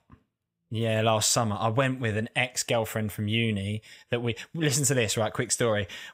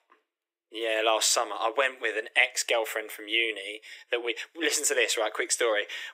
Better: first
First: none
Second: thin; very; fading below 300 Hz

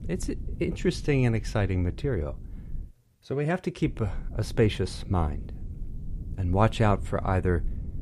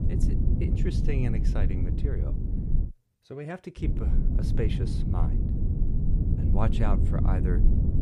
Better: first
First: low rumble; faint; until 3 s and from 4 s on; 20 dB below the speech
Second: low rumble; loud; until 3 s and from 4 s on; 2 dB below the speech

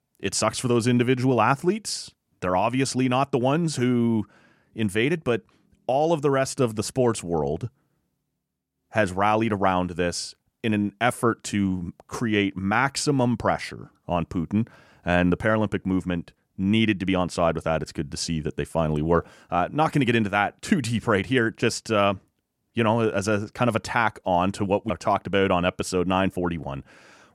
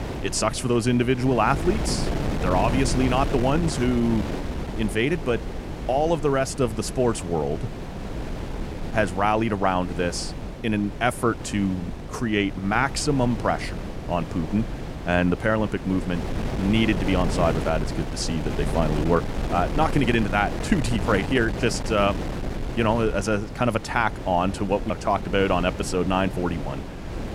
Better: first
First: none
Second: wind noise on the microphone; occasional gusts; 10 dB below the speech

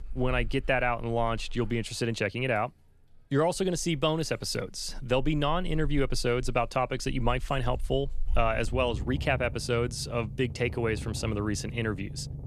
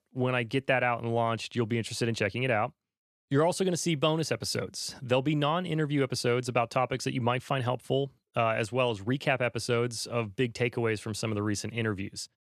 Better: second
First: animal sounds; noticeable; throughout; 10 dB below the speech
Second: none

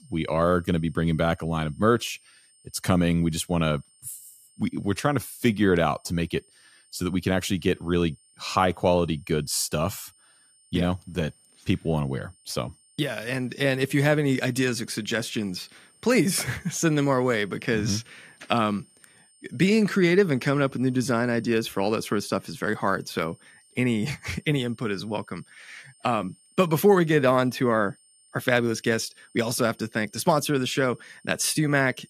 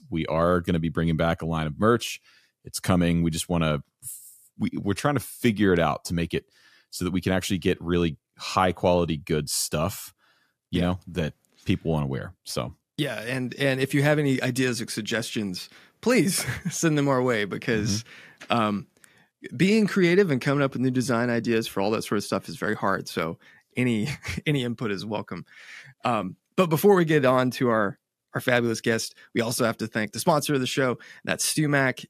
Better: second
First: high-pitched whine; faint; throughout; 9 kHz, 30 dB below the speech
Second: none

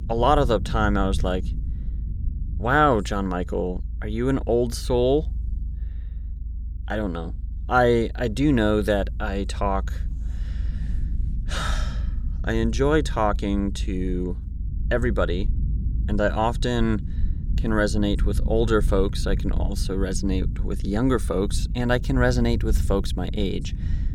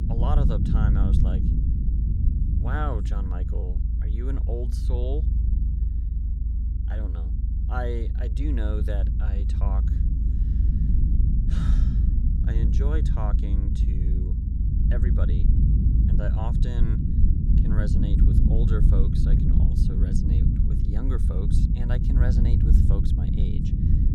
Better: first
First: low rumble; faint; throughout; 20 dB below the speech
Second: low rumble; loud; throughout; as loud as the speech

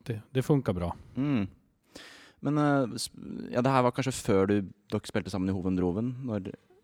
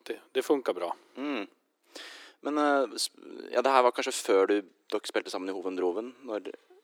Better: first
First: none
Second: thin; somewhat; fading below 350 Hz

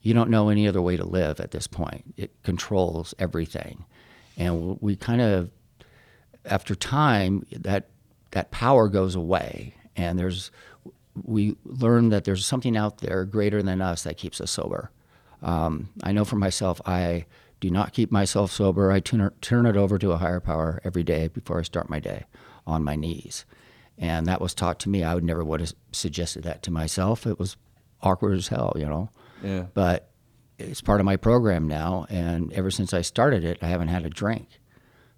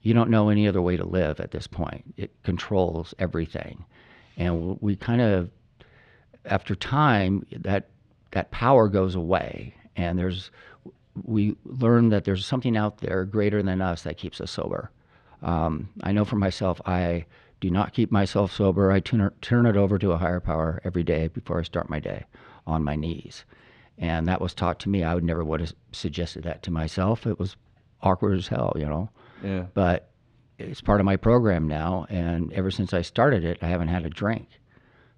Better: first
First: none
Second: muffled; slightly; fading above 3 kHz

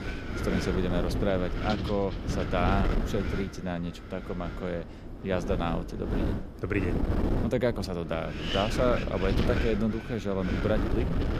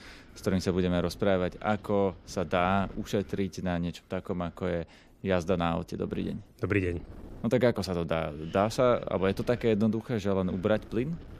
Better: second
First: wind noise on the microphone; heavy; 4 dB below the speech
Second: wind noise on the microphone; occasional gusts; 25 dB below the speech

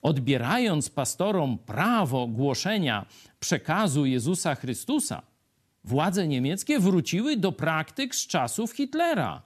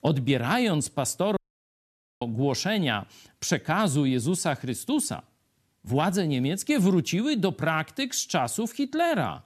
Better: first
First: none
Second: audio cutting out; at 1.5 s for 1 s

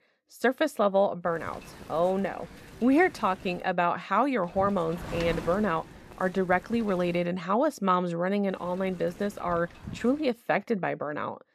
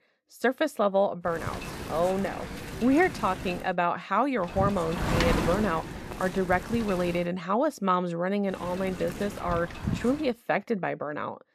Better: first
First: wind noise on the microphone; occasional gusts; from 1.5 to 3.5 s, from 4.5 to 7 s and from 8.5 to 10 s; 20 dB below the speech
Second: wind noise on the microphone; heavy; from 1.5 to 3.5 s, from 4.5 to 7 s and from 8.5 to 10 s; 8 dB below the speech

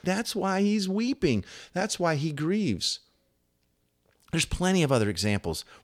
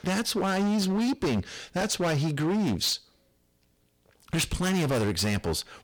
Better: first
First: none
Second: distortion; heavy; 20% of the sound clipped

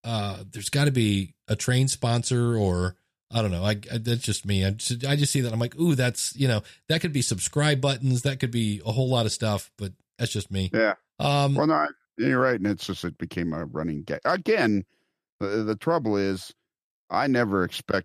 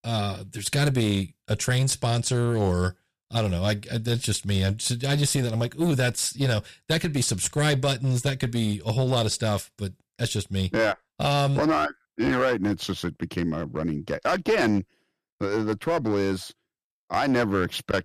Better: first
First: none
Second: distortion; slight; 8% of the sound clipped

